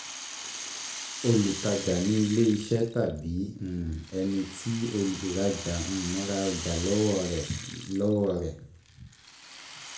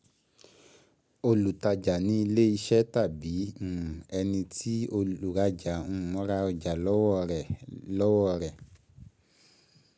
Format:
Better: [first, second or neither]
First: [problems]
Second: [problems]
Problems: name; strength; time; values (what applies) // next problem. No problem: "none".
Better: second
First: background sound (Rattle (instrument)); 11 dB below the speech // room echo; dies away in 0.5 s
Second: none